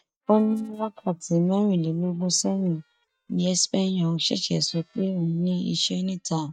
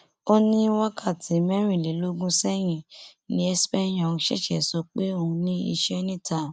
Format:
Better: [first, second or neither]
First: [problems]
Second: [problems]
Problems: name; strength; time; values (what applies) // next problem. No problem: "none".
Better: second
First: noise reduction (neural mask model DeepFilterNet 3)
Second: none